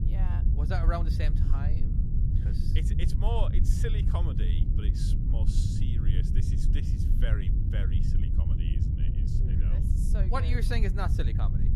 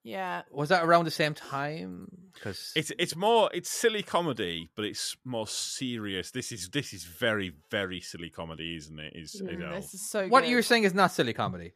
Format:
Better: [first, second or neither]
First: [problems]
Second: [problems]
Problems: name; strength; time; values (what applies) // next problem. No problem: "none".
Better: second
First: low rumble; loud; throughout; 4 dB below the speech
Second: none